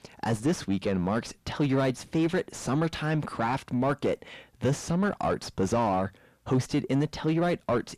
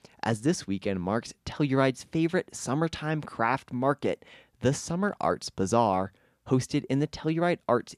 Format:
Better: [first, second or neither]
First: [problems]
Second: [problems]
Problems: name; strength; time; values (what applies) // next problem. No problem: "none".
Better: second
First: distortion; heavy; 8 dB below the speech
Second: none